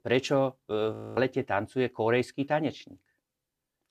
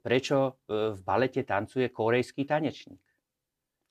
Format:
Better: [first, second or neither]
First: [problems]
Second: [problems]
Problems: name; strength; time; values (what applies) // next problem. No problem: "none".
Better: second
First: audio freezing; at 1 s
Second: none